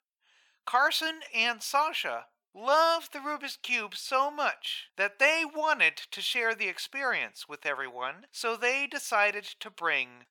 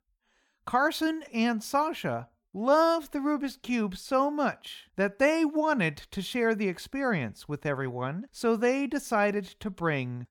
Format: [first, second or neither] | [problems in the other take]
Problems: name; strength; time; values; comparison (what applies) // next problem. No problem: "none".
second | thin; very; fading below 800 Hz